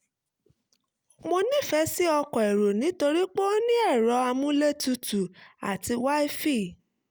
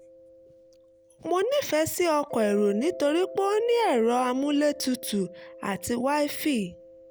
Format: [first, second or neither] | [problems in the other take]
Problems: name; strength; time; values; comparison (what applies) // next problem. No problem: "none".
first | background sound (Mallet percussion); 16 dB below the speech